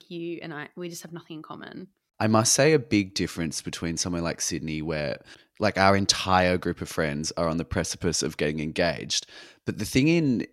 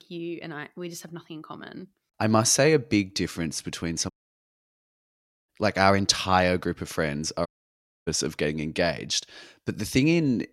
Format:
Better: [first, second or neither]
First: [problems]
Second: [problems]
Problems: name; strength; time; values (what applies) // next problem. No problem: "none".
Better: first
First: none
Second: audio cutting out; at 4 s for 1.5 s and at 7.5 s for 0.5 s